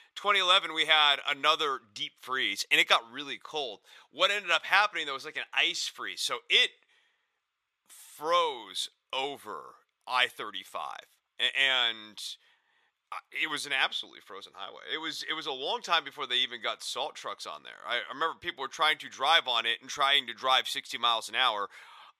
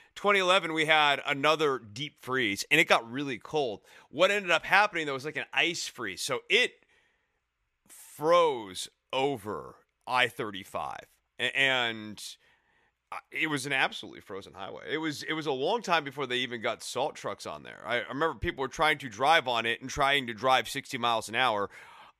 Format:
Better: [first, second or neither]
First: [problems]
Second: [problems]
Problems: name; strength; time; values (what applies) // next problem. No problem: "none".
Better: second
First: thin; somewhat; fading below 800 Hz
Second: none